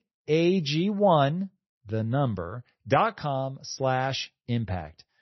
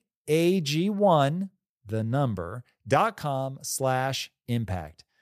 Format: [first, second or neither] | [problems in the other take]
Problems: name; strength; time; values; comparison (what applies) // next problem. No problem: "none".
second | garbled, watery; slightly; nothing above 6 kHz